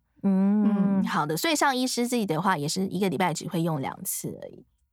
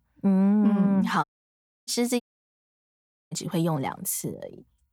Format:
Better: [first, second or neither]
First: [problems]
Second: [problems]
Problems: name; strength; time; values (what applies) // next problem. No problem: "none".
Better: first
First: none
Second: audio cutting out; at 1 s for 0.5 s and at 2 s for 1 s